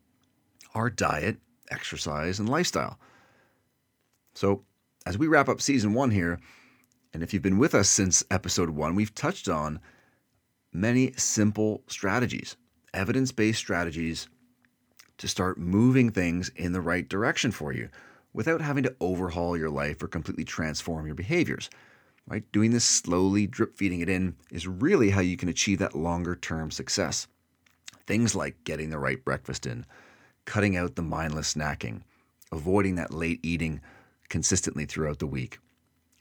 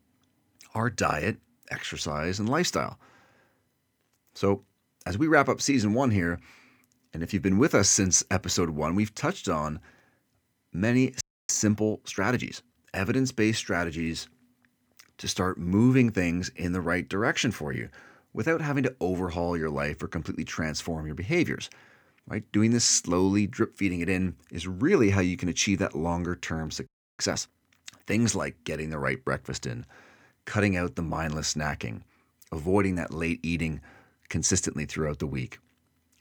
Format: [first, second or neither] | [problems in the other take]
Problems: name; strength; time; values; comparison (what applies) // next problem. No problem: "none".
first | audio freezing; at 11 s and at 27 s